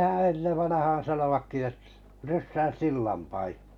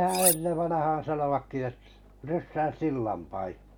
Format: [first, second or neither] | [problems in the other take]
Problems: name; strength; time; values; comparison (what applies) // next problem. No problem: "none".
first | background sound (Cutlery, silverware); 3 dB below the speech